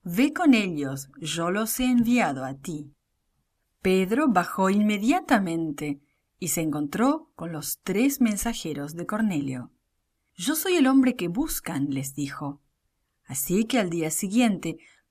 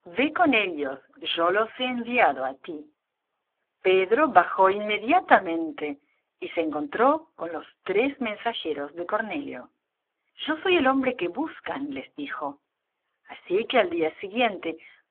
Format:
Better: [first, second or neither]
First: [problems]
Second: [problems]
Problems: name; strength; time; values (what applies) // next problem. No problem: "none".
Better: first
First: none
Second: phone-call audio; poor line; nothing above 3.5 kHz